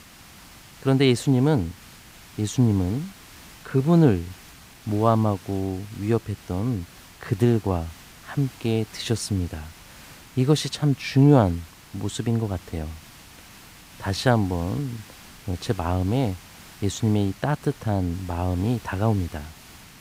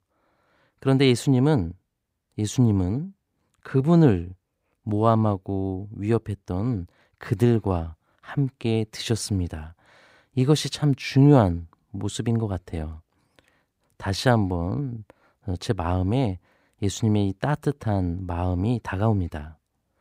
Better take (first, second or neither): second